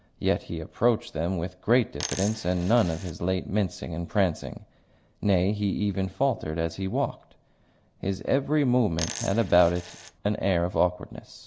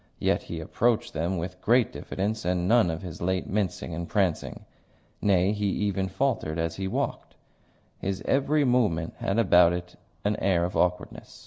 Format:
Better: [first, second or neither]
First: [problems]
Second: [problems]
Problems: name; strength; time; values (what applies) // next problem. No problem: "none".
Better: second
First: background sound (Coin (dropping)); 12 dB below the speech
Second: none